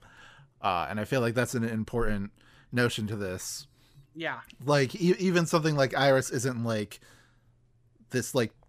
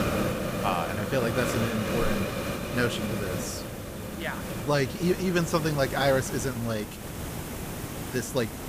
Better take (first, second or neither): first